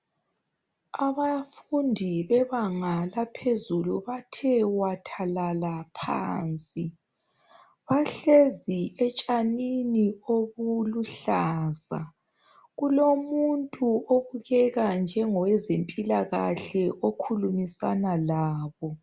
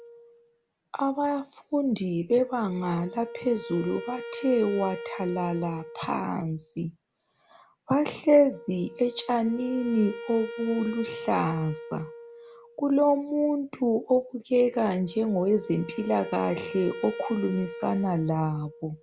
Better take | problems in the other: first | background sound (Wind instrument, woodwind instrument); 14 dB below the speech

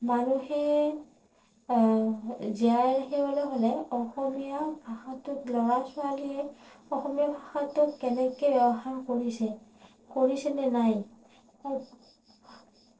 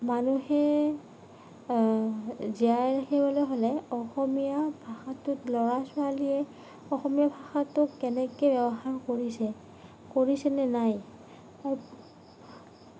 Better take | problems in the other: second | noise reduction (neural separator model SepFormer DNS4)

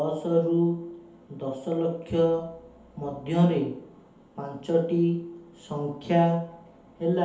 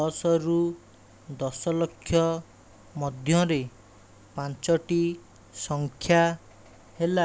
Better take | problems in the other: second | room echo; dies away in 2.2 s

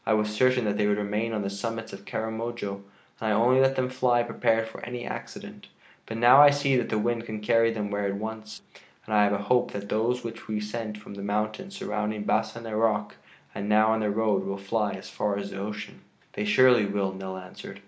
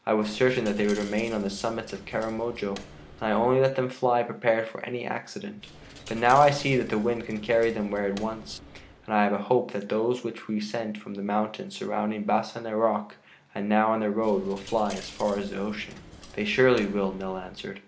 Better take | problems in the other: first | background sound (Coin (dropping)); 19 dB below the speech

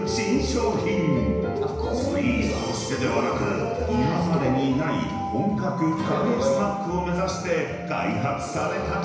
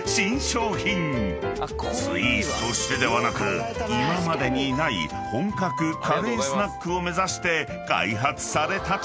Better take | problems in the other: second | background sound (Acoustic guitar / Strum); 19 dB below the speech // room echo; dies away in 1 s

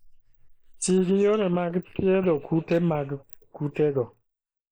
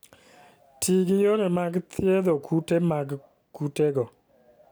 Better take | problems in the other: second | noise reduction (neural mask model Resemble Enhance denoiser)

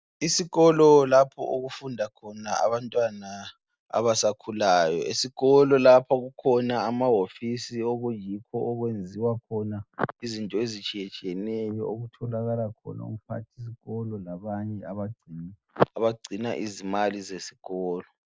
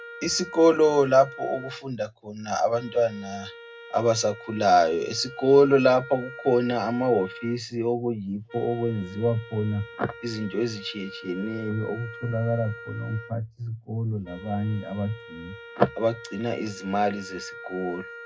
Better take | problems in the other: first | background sound (Wind instrument, woodwind instrument); 17 dB below the speech // room echo; dies away in 0.2 s

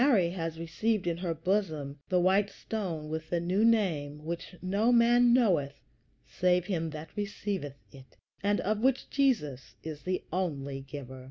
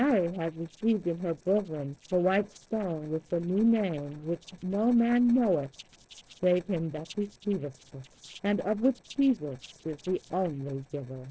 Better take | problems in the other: first | noise reduction (neural separator model SepFormer DNS4)

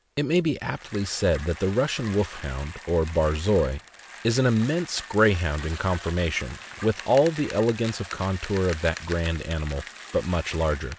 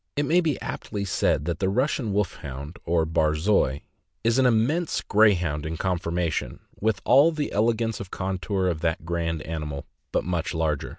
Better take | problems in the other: second | background sound (Bicycle); 16 dB below the speech

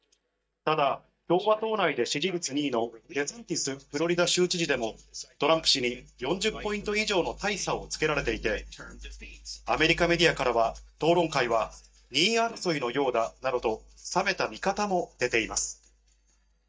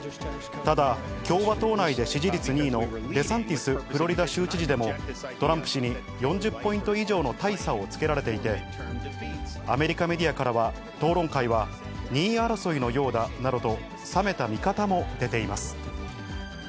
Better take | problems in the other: second | noise reduction (neural mask model DeepFilterNet 3)

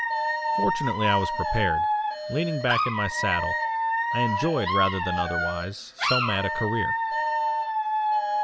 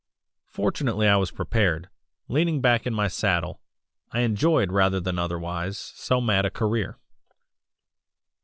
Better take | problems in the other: second | background sound (Alarm / Dog); 3 dB above the speech

